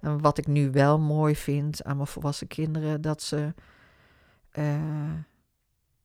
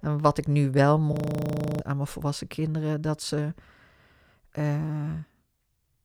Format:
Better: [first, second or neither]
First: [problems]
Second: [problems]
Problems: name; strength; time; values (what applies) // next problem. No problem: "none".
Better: first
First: none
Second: audio freezing; at 1 s for 0.5 s